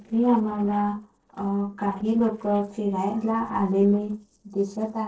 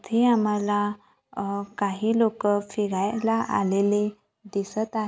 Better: second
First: noise reduction (neural separator model SepFormer DNS4)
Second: none

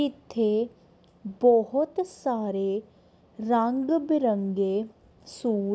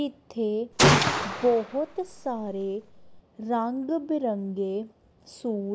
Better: first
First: none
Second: background sound (Gunshot, gunfire); 3 dB above the speech

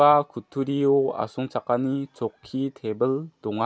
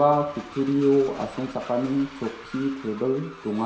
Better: first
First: none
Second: background sound (Train); 18 dB below the speech // room echo; dies away in 0.7 s

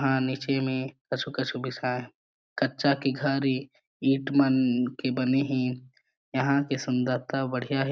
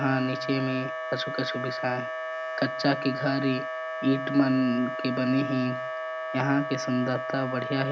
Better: first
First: none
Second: background sound (Wind instrument, woodwind instrument); 5 dB below the speech

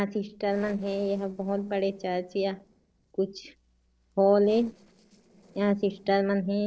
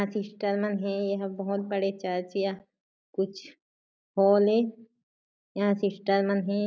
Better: second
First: noise reduction (neural separator model SepFormer DNS4)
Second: none

